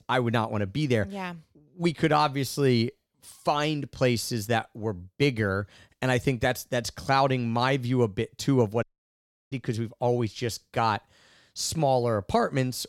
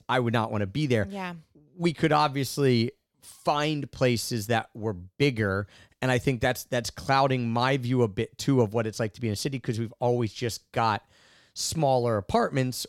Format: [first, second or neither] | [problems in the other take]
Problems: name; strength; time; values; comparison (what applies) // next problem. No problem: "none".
second | audio cutting out; at 9 s for 0.5 s